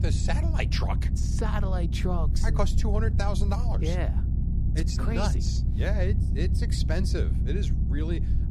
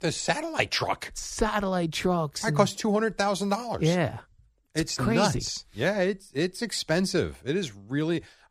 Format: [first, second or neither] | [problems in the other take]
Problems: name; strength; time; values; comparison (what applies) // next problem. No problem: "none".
second | low rumble; loud; throughout; 7 dB below the speech